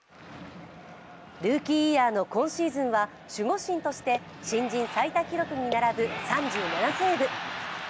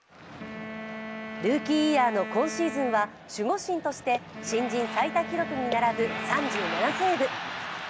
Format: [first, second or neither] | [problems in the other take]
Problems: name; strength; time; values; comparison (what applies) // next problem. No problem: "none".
first | background sound (Wind instrument, woodwind instrument); 11 dB below the speech